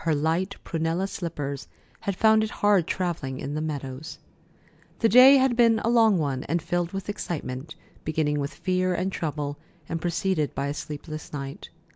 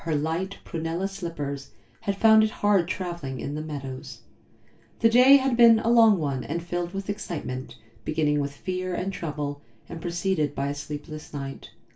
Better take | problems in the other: first | room echo; dies away in 0.2 s

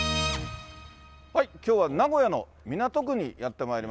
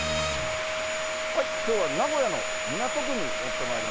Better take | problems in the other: first | background sound (Domestic sounds, home sounds); 2 dB above the speech

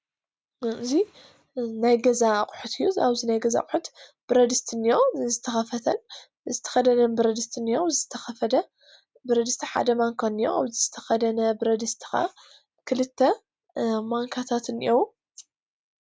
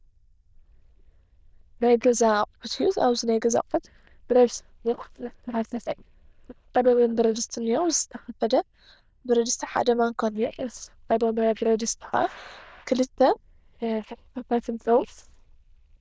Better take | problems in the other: first | noise reduction (neural diffusion model UNIVERSE++)

